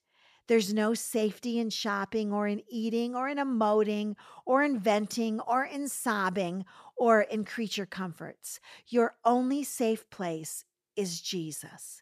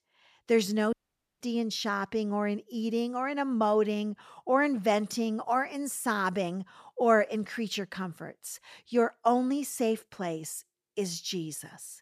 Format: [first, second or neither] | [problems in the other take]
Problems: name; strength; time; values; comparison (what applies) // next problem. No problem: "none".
first | audio cutting out; at 1 s